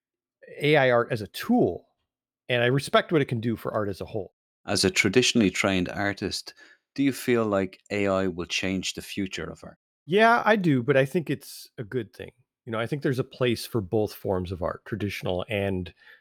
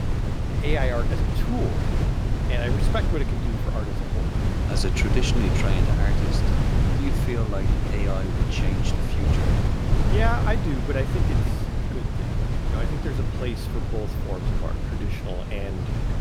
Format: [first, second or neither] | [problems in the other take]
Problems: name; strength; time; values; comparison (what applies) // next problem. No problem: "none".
first | wind noise on the microphone; heavy; 1 dB below the speech